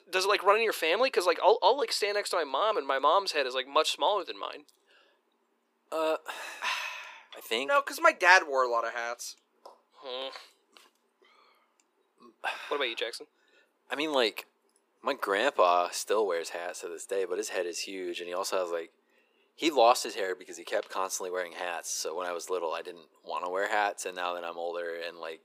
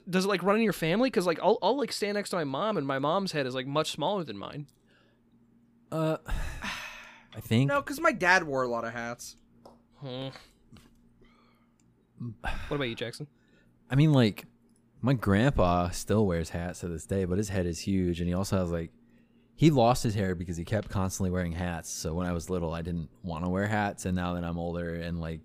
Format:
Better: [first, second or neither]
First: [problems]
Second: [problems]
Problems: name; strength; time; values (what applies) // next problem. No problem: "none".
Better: second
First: thin; very; fading below 400 Hz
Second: none